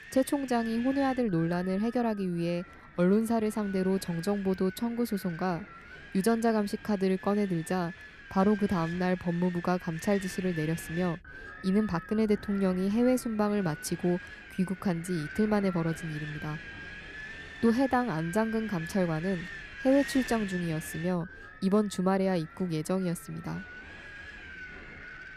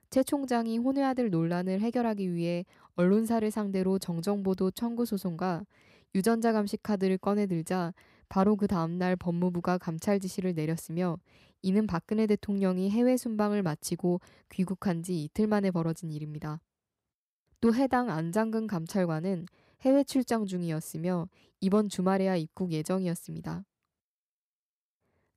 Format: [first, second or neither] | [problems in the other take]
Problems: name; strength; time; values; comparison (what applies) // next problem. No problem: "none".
second | wind noise on the microphone; heavy; 10 dB below the speech